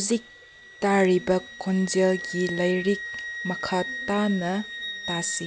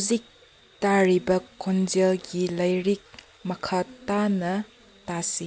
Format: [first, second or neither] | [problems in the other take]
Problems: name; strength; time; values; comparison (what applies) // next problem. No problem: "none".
second | background sound (Wind instrument, woodwind instrument); 10 dB below the speech